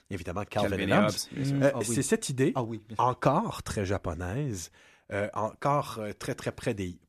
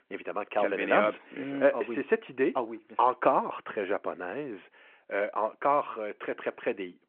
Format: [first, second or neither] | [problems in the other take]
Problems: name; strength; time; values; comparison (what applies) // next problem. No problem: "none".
first | phone-call audio